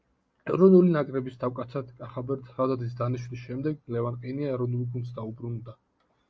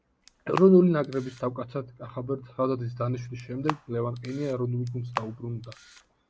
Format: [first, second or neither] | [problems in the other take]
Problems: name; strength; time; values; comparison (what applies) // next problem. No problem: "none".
first | background sound (Camera); 13 dB below the speech